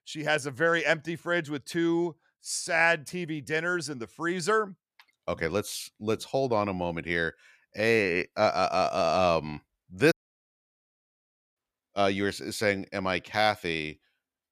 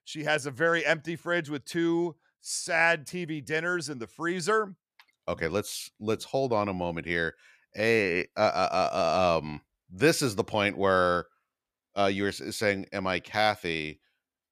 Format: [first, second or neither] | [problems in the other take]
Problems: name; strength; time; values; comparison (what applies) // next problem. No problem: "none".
second | audio cutting out; at 10 s for 1.5 s